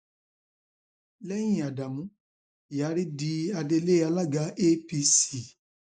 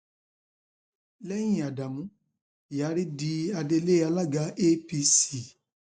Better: second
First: noise reduction (neural mask model Resemble Enhance denoiser)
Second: none

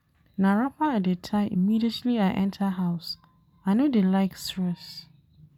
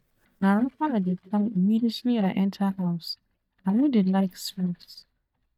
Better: first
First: none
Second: noise reduction (neural mask model DeepFilterNet 3)

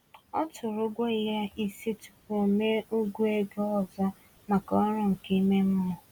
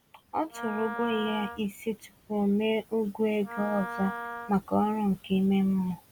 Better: first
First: none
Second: background sound (Wind instrument, woodwind instrument); 11 dB below the speech

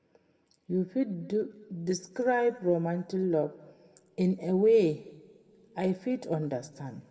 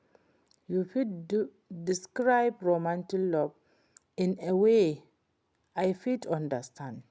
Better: second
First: room echo; dies away in 1.3 s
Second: none

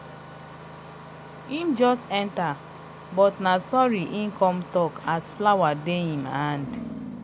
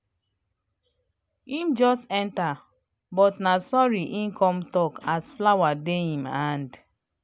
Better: second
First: background sound (Engine starting); 15 dB below the speech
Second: none

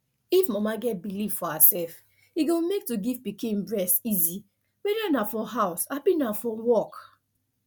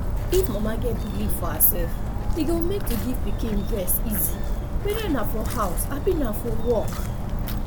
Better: first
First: none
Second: background sound (Walk, footsteps); 2 dB above the speech

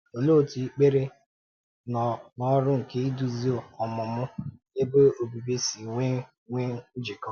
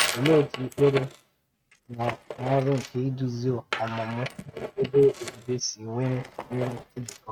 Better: first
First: none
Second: noise reduction (neural mask model RNNoise)

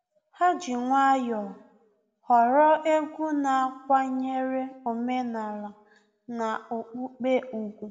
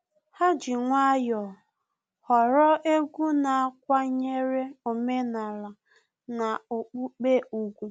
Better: second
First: room echo; dies away in 0.9 s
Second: none

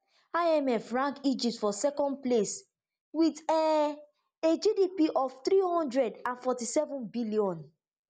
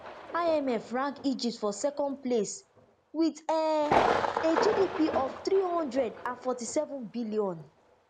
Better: first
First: none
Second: background sound (Thunder); 5 dB below the speech

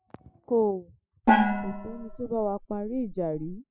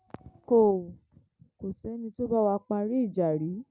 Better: second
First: noise reduction (classical method spectral subtraction)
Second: none

